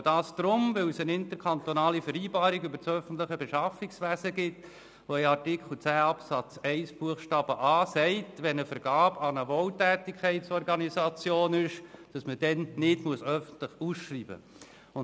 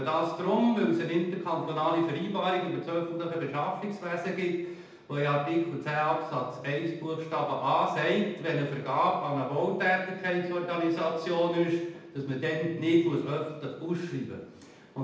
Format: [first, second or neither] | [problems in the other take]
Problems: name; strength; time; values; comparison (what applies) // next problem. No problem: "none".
first | room echo; dies away in 0.8 s